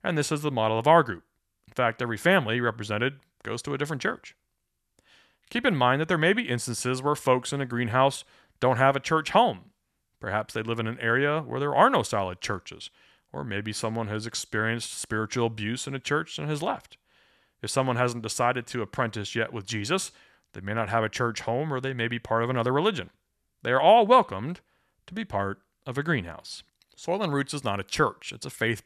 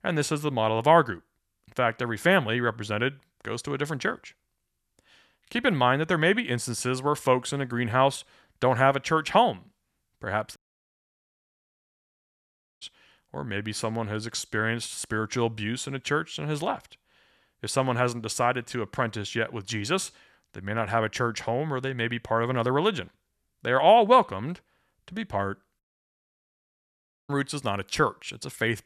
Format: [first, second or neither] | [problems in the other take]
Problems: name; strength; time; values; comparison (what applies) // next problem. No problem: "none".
first | audio cutting out; at 11 s for 2.5 s and at 26 s for 1.5 s